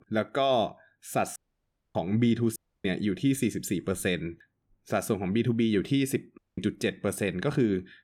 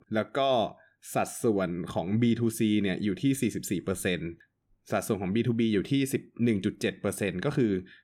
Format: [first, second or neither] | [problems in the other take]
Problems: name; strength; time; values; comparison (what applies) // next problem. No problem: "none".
second | audio cutting out; at 1.5 s for 0.5 s, at 2.5 s and at 6.5 s